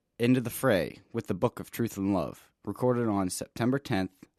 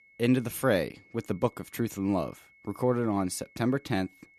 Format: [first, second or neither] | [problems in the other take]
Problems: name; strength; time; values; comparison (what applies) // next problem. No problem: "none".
first | high-pitched whine; faint; throughout; 2 kHz, 30 dB below the speech